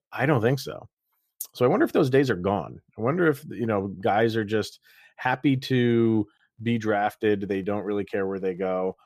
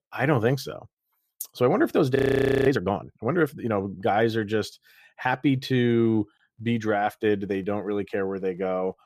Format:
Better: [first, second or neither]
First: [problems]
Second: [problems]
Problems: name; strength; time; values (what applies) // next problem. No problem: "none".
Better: first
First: none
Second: audio freezing; at 2 s for 0.5 s